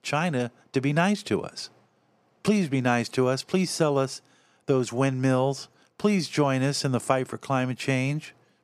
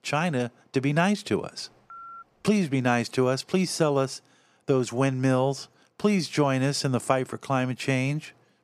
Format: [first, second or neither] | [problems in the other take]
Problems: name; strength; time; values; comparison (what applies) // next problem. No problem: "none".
first | phone ringing; faint; at 2 s; peak 15 dB below the speech